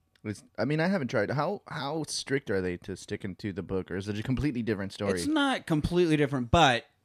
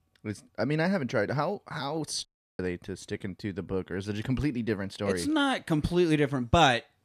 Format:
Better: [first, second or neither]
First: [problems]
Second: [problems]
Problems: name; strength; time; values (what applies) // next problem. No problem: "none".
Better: first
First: none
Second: audio cutting out; at 2.5 s